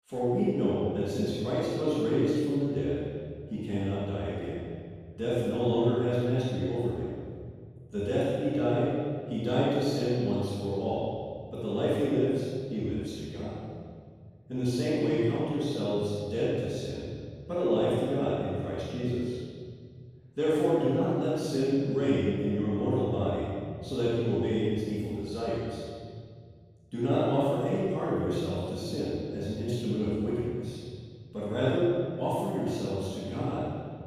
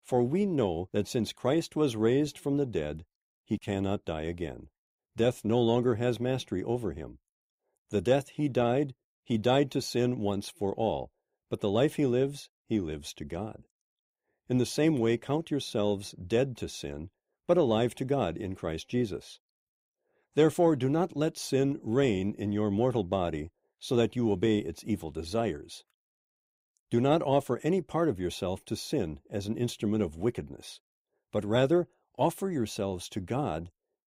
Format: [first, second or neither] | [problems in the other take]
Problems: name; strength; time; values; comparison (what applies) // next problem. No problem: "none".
second | room echo; strong; dies away in 2.1 s // off-mic speech; far